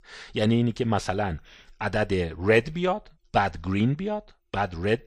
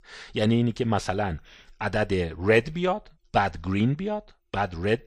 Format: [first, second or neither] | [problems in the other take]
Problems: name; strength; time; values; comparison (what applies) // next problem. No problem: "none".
neither | none